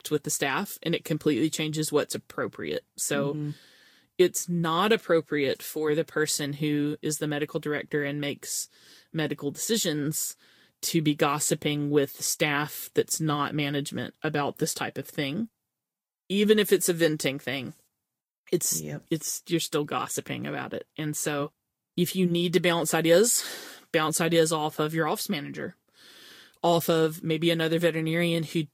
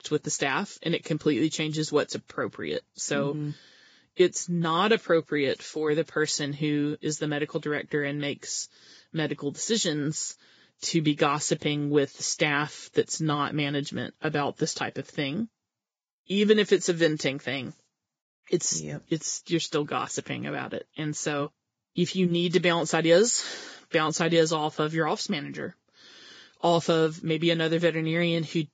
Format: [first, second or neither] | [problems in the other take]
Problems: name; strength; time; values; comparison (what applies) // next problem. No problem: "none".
first | garbled, watery; badly; nothing above 7.5 kHz; slightly in the first